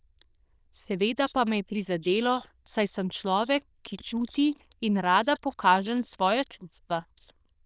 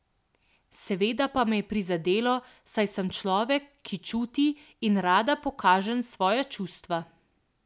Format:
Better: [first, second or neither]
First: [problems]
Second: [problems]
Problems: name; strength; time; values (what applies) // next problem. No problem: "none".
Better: second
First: noise reduction (neural diffusion model UNIVERSE++)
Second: none